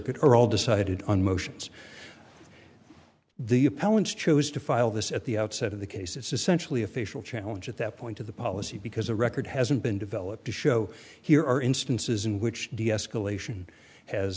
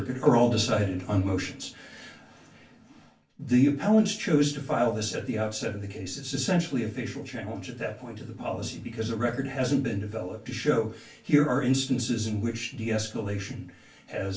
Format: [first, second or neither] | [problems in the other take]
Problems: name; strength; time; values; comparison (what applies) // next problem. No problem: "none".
first | room echo; dies away in 0.2 s